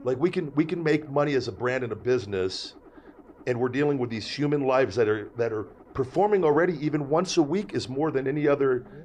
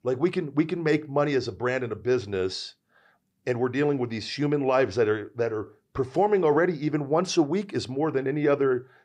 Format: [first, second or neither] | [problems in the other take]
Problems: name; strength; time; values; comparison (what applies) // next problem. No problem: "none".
second | low rumble; faint; throughout; 25 dB below the speech